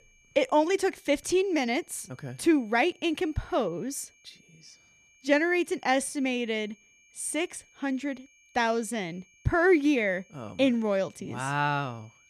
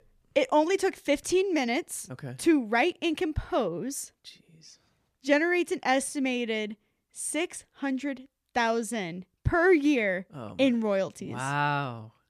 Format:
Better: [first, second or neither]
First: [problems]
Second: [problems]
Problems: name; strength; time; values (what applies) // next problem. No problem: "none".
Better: second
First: high-pitched whine; faint; throughout; 2.5 kHz, 30 dB below the speech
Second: none